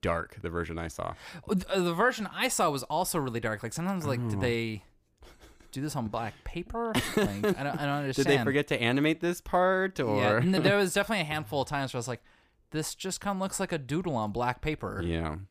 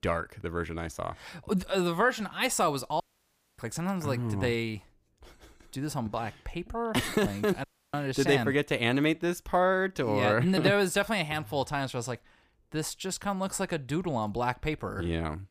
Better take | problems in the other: first | audio cutting out; at 3 s for 0.5 s and at 7.5 s

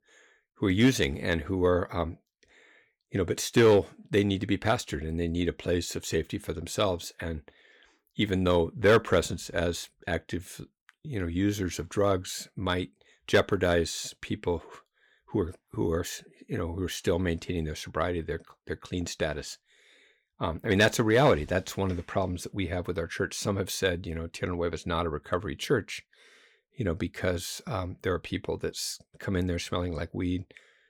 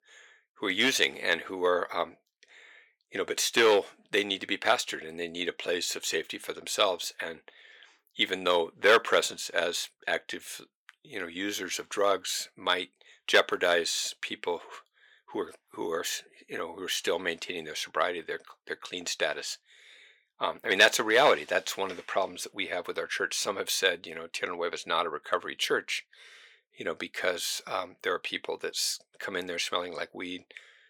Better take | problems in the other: first | thin; very; fading below 550 Hz

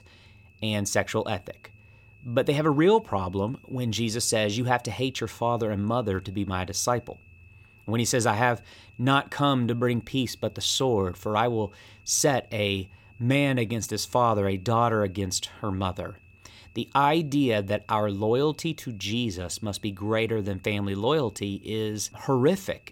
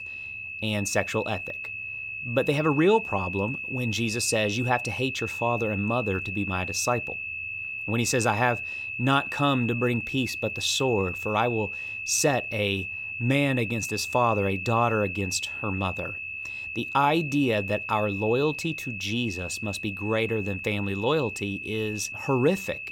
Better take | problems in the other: first | high-pitched whine; loud; throughout; 2.5 kHz, 5 dB below the speech; faint in the first

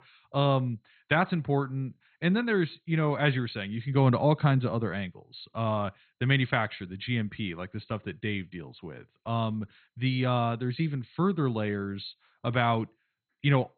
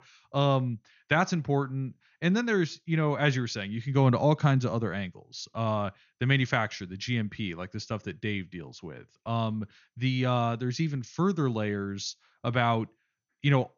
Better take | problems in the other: second | garbled, watery; badly; nothing above 4 kHz; slightly in the second

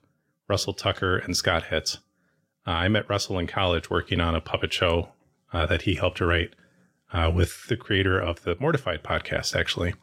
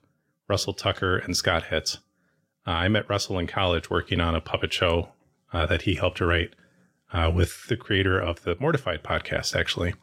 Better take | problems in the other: neither | none

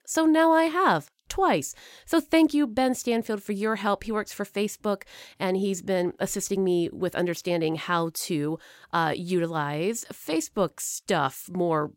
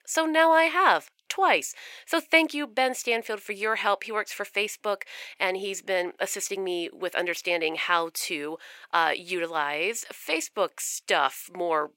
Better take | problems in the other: first | thin; somewhat; fading below 550 Hz

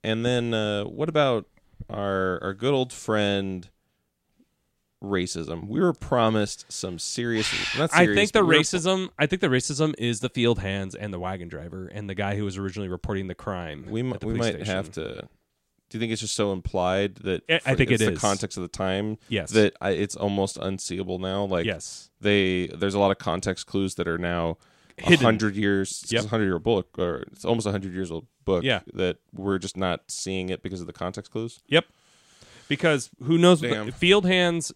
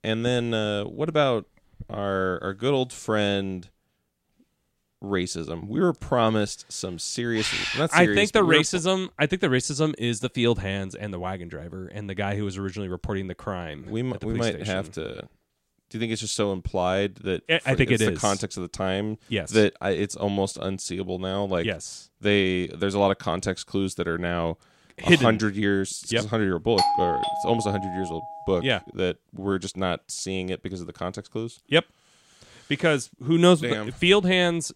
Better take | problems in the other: first | doorbell; loud; from 27 to 28 s; peak 2 dB above the speech

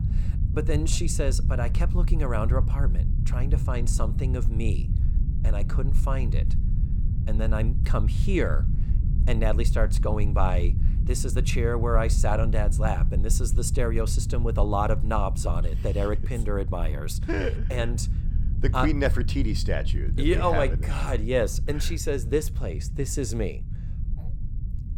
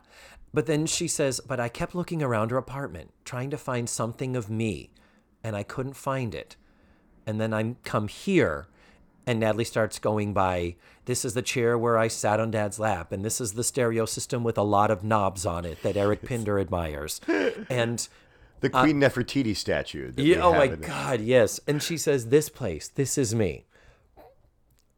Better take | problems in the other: second | low rumble; noticeable; throughout; 15 dB below the speech

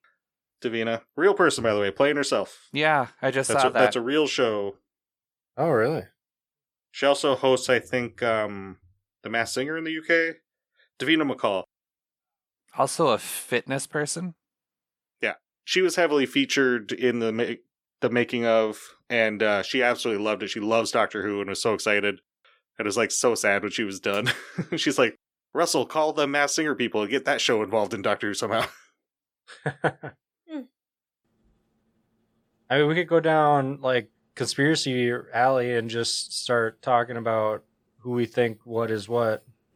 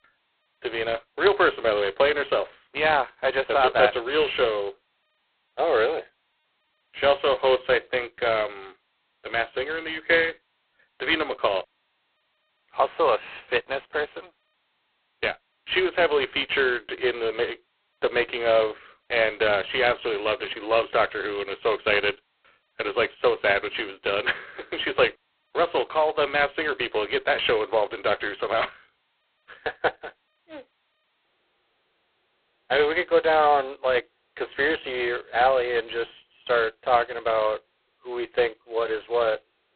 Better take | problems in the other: first | phone-call audio; poor line; nothing above 4 kHz

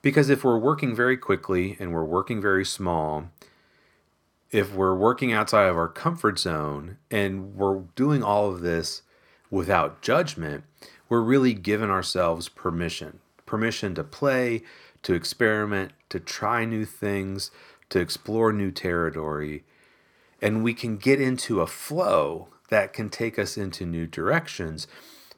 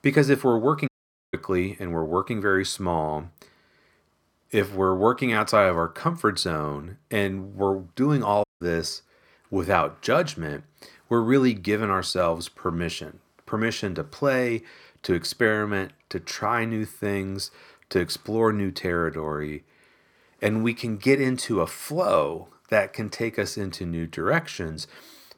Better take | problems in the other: first | audio cutting out; at 1 s and at 8.5 s

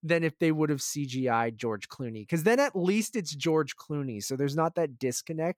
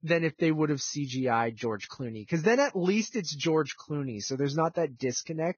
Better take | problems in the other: first | garbled, watery; badly; nothing above 6.5 kHz

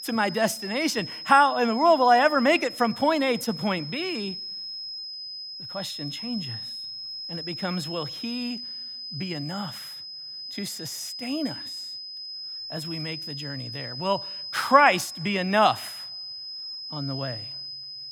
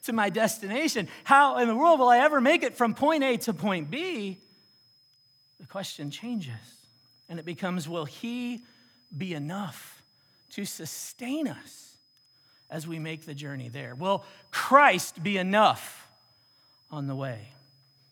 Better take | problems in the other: second | high-pitched whine; loud; throughout; 5 kHz, 9 dB below the speech; faint in the second

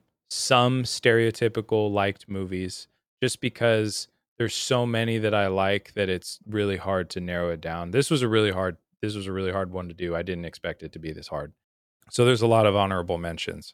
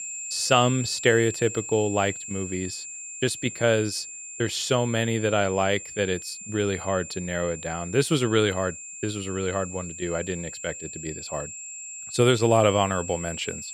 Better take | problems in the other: first | high-pitched whine; loud; throughout; 7.5 kHz, 10 dB below the speech

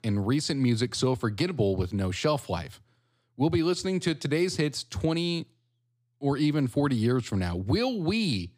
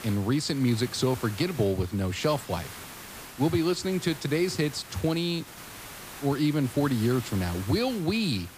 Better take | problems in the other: first | hiss; noticeable; throughout; 15 dB below the speech

